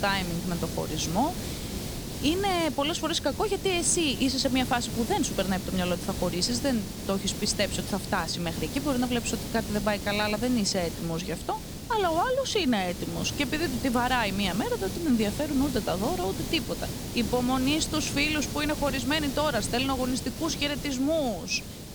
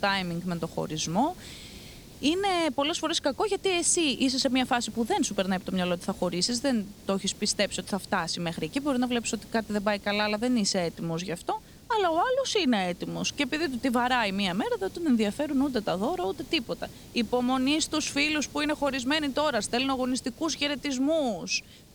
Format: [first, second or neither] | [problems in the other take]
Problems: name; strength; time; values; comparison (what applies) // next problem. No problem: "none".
second | hiss; loud; throughout; 7 dB below the speech; faint in the second